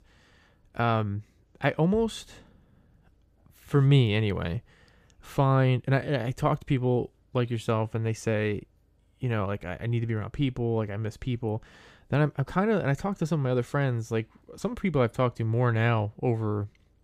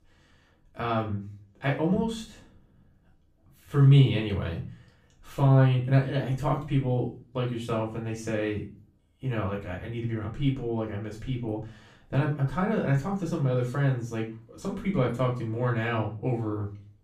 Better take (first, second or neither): first